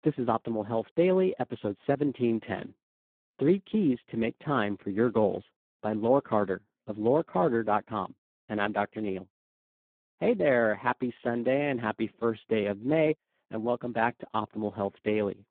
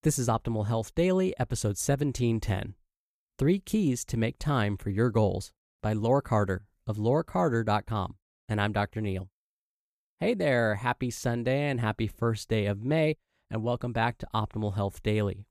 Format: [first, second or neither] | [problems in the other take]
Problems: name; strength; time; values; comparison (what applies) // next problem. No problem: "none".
second | phone-call audio; poor line; nothing above 3.5 kHz